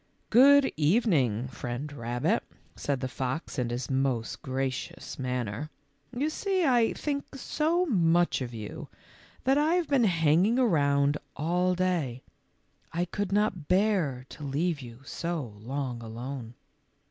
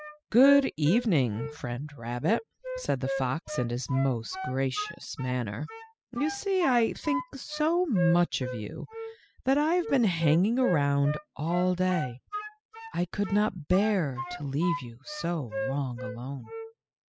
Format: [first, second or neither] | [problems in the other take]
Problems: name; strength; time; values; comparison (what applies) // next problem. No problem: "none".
first | noise reduction (classical method spectral subtraction)